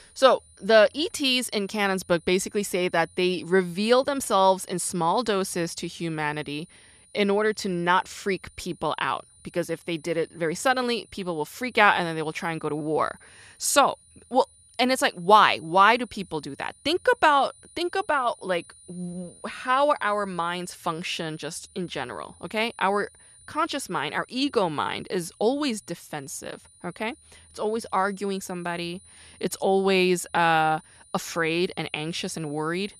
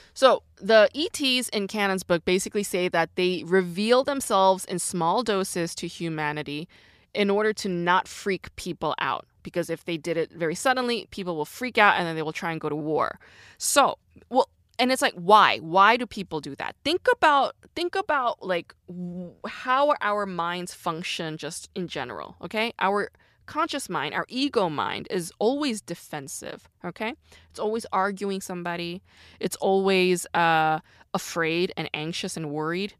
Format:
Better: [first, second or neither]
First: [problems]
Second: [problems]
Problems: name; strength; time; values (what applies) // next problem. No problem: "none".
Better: second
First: high-pitched whine; faint; throughout; 9.5 kHz, 25 dB below the speech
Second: none